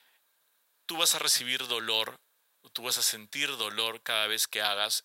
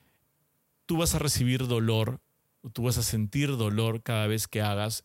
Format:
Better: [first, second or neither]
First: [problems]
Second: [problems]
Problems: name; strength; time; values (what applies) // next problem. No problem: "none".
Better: second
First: thin; very; fading below 800 Hz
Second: none